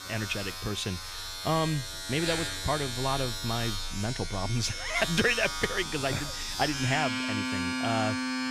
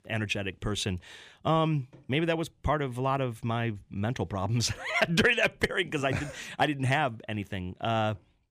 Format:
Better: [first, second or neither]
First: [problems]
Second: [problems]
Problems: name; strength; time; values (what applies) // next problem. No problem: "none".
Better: second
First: household noises; loud; throughout; 2 dB below the speech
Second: none